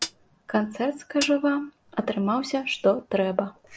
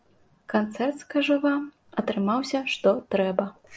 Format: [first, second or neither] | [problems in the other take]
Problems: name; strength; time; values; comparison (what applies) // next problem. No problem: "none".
second | background sound (Hi-hat); 12 dB below the speech